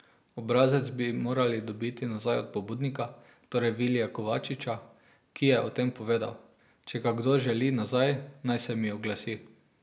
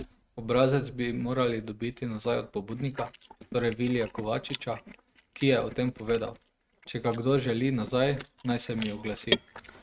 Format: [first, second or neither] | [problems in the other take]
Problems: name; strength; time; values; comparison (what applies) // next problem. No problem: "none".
first | noise reduction (neural mask model RNNoise)